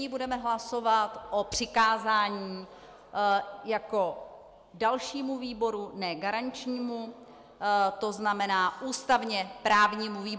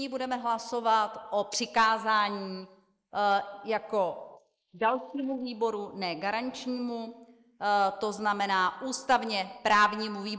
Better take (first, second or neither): first